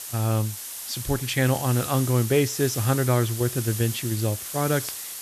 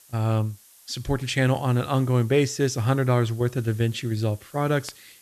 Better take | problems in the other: second | hiss; loud; throughout; 7 dB below the speech; faint in the second

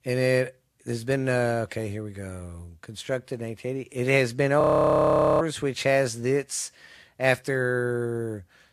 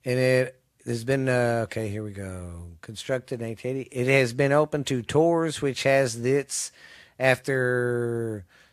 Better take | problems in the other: second | audio freezing; at 4.5 s for 1 s

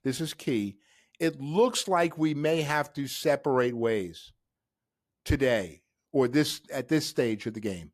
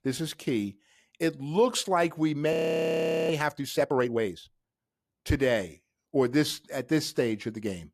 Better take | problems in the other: first | audio freezing; at 2.5 s for 1 s

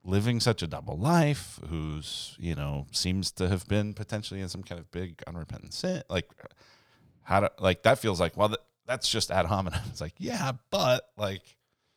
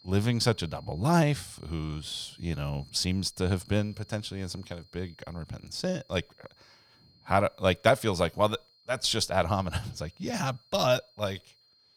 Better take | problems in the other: first | high-pitched whine; faint; throughout; 4 kHz, 30 dB below the speech

